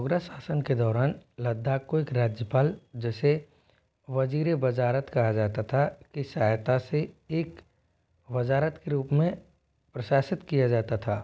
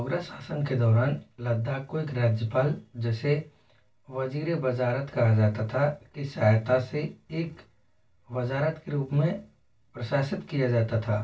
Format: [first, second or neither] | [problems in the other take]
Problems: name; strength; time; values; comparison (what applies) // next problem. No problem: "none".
first | room echo; dies away in 0.2 s